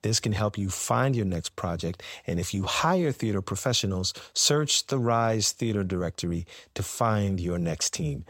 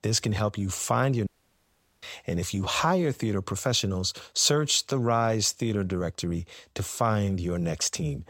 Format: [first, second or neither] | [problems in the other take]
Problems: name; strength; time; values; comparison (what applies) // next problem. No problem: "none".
first | audio cutting out; at 1.5 s for 1 s